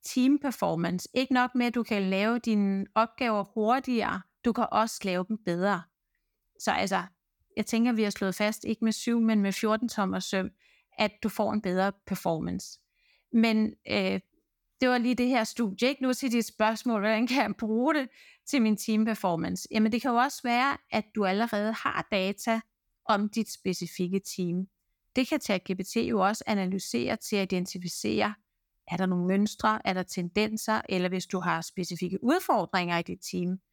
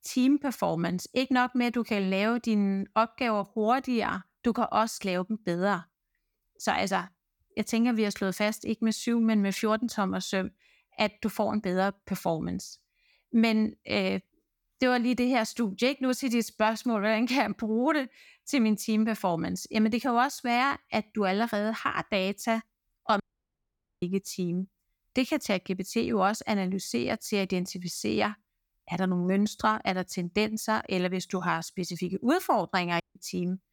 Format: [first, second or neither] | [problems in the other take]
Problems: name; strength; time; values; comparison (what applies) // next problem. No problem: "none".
first | audio cutting out; at 23 s for 1 s and at 33 s